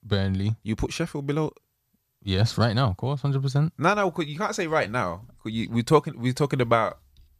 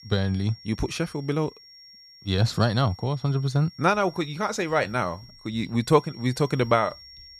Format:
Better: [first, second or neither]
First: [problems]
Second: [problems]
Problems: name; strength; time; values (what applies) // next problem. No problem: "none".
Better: first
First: none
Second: high-pitched whine; faint; throughout; 5.5 kHz, 20 dB below the speech